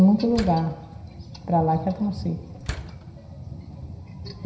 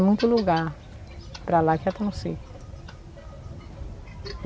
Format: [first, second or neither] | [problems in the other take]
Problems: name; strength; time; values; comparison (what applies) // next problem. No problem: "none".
second | background sound (Slam); 14 dB below the speech // room echo; dies away in 0.9 s